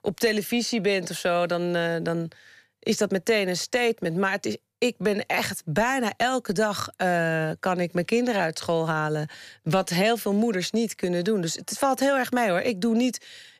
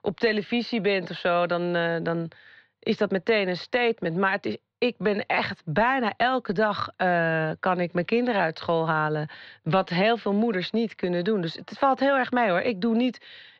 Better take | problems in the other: first | muffled; slightly; fading above 4 kHz

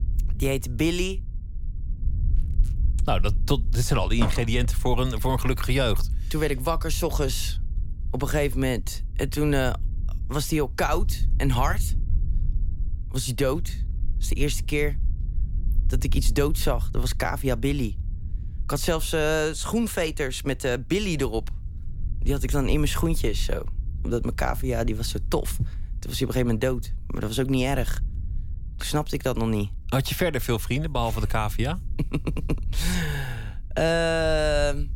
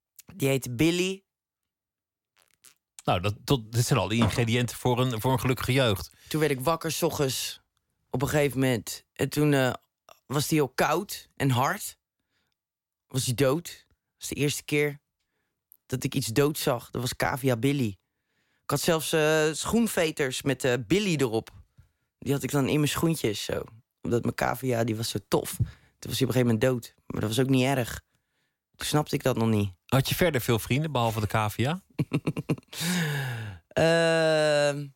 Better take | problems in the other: second | low rumble; faint; throughout; 25 dB below the speech

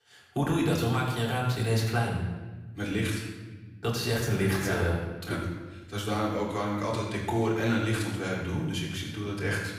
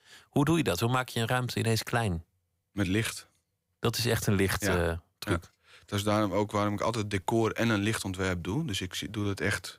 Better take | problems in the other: second | off-mic speech; far // room echo; noticeable; dies away in 1.1 s

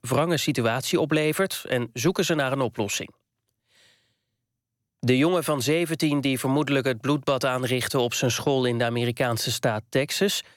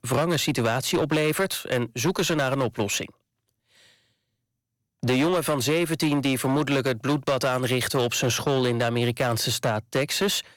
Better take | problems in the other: first | distortion; slight; 11% of the sound clipped

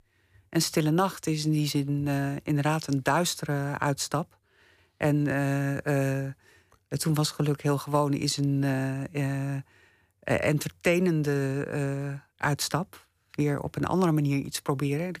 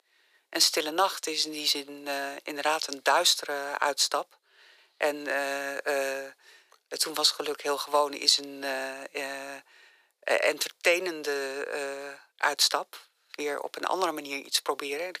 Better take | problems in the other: first | thin; very; fading below 450 Hz

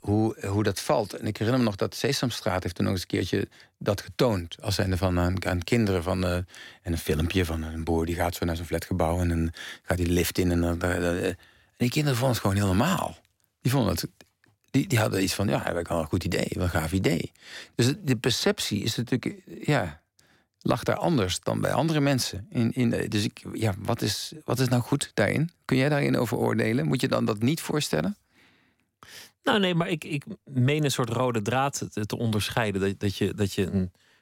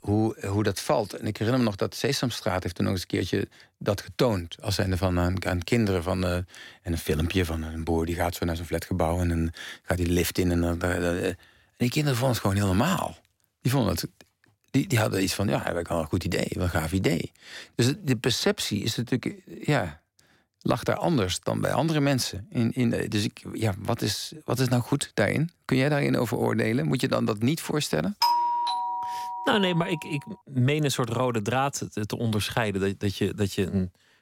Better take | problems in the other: first | doorbell; loud; from 28 to 30 s; peak 4 dB above the speech

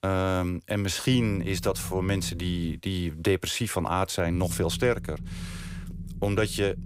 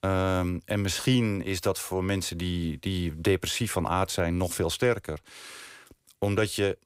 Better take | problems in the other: second | low rumble; noticeable; from 1 to 3 s and from 4.5 s on; 20 dB below the speech

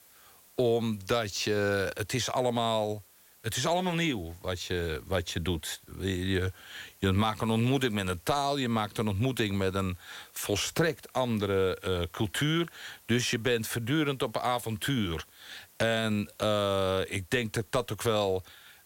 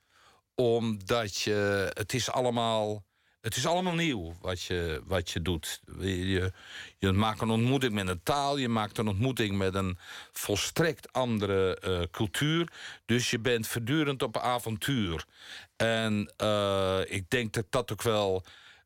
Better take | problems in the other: second | hiss; faint; throughout; 25 dB below the speech

